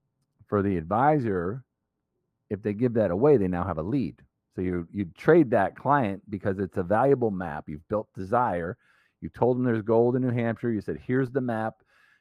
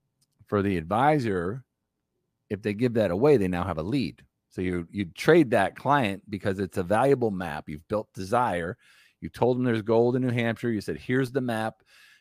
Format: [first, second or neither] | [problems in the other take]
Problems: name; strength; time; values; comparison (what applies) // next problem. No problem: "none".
second | muffled; slightly; fading above 2 kHz